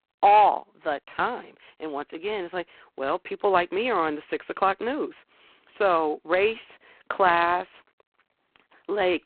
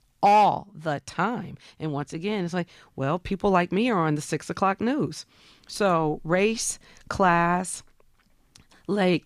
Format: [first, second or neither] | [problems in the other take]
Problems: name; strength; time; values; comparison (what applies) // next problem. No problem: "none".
second | phone-call audio; poor line; nothing above 4 kHz